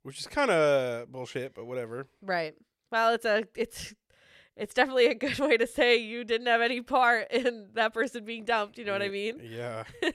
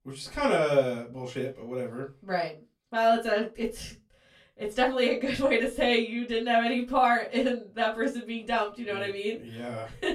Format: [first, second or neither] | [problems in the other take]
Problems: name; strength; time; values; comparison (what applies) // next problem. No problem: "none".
first | off-mic speech; far // room echo; very slight; dies away in 0.2 s